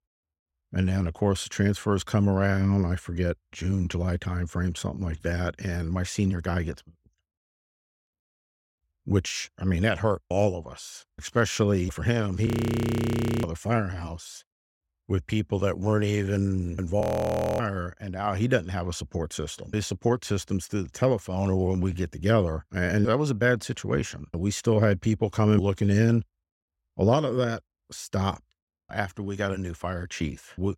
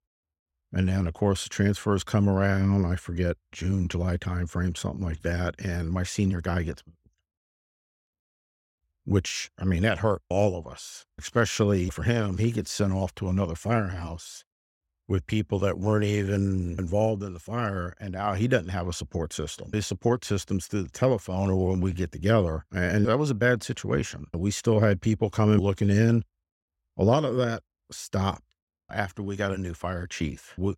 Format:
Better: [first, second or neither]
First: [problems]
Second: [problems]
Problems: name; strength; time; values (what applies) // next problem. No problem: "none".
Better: second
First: audio freezing; at 12 s for 1 s and at 17 s for 0.5 s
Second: none